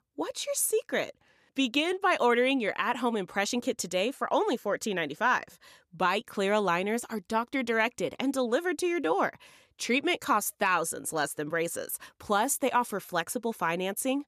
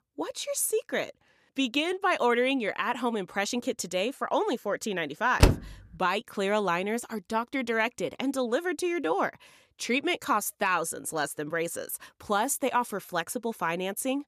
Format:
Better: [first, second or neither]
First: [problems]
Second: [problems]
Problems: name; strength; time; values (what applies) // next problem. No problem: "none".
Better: first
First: none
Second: door banging; loud; at 5.5 s; peak 5 dB above the speech